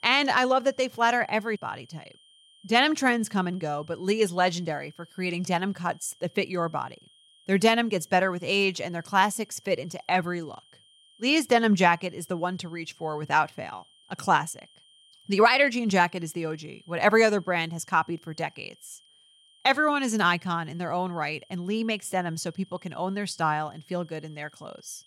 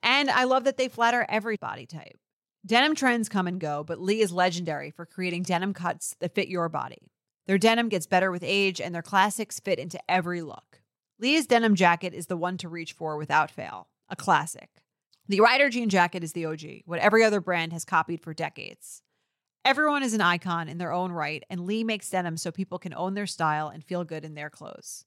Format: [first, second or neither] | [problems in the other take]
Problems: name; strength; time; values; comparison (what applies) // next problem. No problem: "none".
second | high-pitched whine; faint; throughout; 3 kHz, 30 dB below the speech